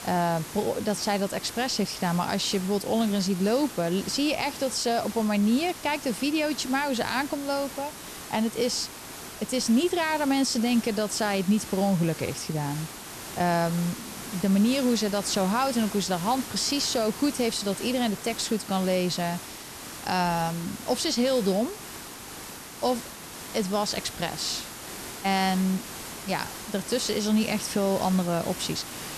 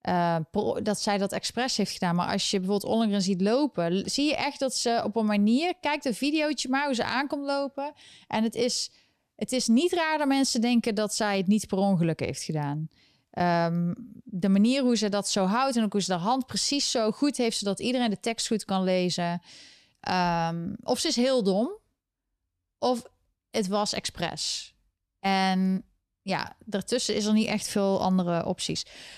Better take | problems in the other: second | hiss; noticeable; throughout; 10 dB below the speech

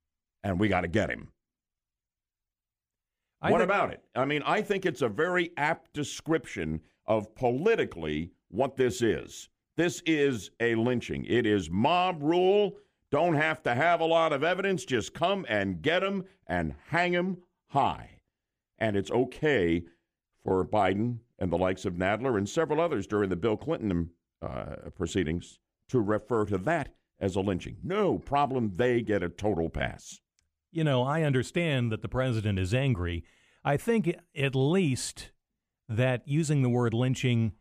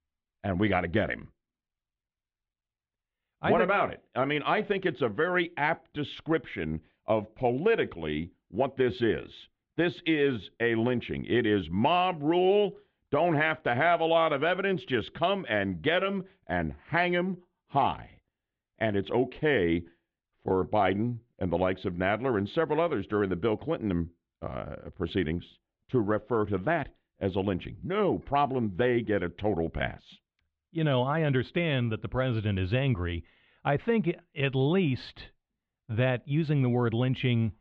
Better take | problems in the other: first | muffled; slightly; fading above 4 kHz

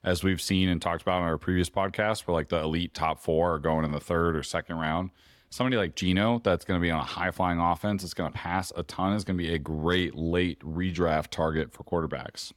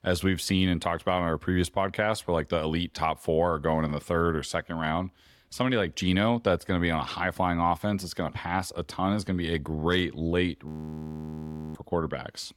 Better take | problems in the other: first | audio freezing; at 11 s for 1 s

